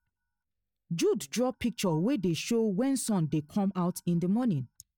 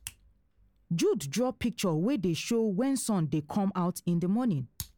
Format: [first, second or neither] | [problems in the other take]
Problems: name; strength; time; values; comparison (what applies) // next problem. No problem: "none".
second | noise reduction (neural mask model DeepFilterNet 3)